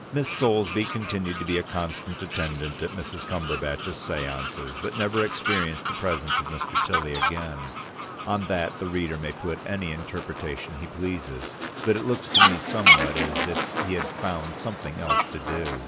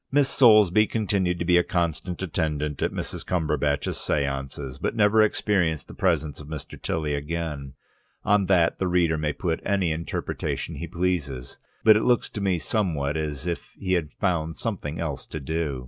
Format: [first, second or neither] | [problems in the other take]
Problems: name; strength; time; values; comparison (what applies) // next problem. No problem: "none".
second | background sound (Fowl); 1 dB above the speech